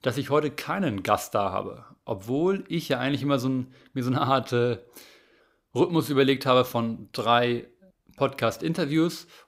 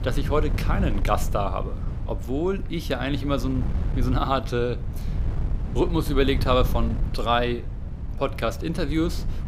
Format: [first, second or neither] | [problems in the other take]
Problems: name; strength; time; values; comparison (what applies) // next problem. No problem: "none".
first | wind noise on the microphone; occasional gusts; 15 dB below the speech